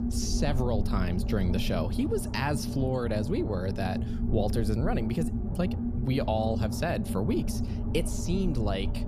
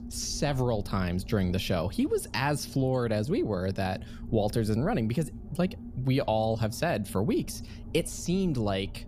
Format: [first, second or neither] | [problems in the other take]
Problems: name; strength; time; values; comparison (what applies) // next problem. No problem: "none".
second | low rumble; loud; throughout; 7 dB below the speech; faint in the second